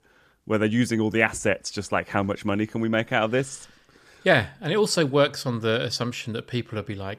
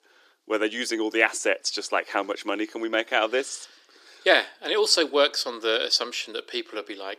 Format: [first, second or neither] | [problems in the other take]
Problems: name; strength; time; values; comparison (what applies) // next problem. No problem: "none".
first | thin; very; fading below 300 Hz